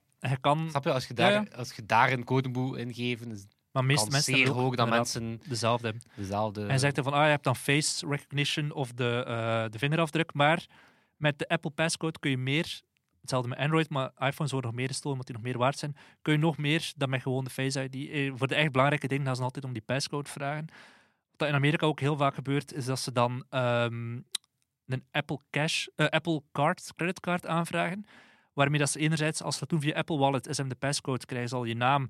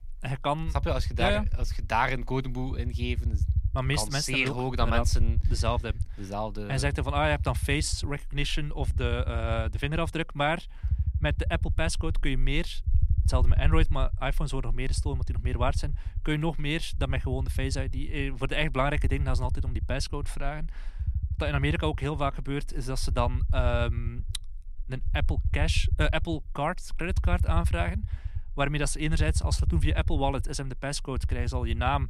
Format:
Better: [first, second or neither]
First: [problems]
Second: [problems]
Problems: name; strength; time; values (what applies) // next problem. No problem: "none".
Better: first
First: none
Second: low rumble; noticeable; throughout; 20 dB below the speech